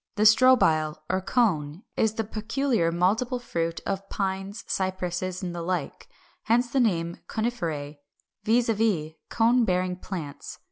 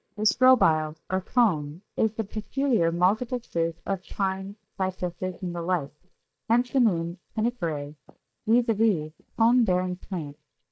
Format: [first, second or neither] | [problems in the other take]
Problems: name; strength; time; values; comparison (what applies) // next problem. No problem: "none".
first | noise reduction (neural mask model DeepFilterNet 3)